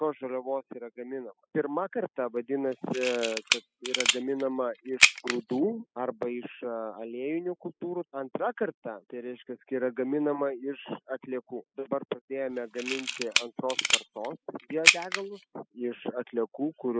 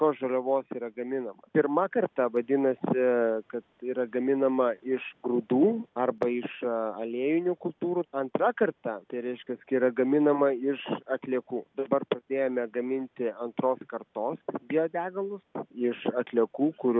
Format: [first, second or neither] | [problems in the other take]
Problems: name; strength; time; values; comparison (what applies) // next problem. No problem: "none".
second | noise reduction (classical method spectral subtraction)